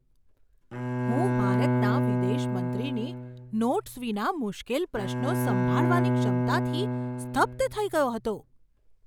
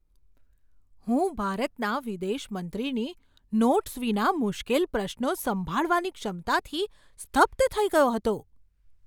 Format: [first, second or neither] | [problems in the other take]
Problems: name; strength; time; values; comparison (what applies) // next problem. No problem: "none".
second | background sound (Bowed string instrument); 2 dB above the speech